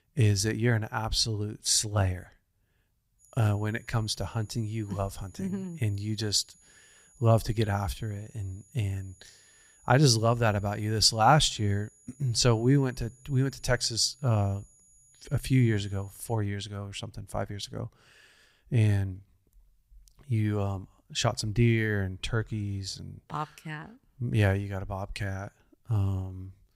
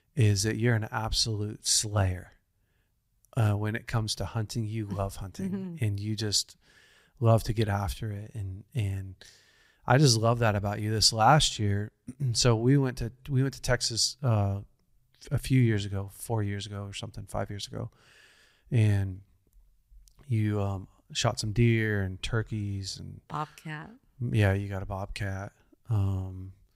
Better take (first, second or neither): second